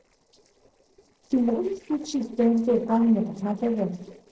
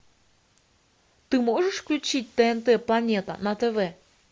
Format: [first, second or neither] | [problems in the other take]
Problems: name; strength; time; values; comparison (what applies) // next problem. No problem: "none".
second | noise reduction (neural separator model SepFormer DNS4)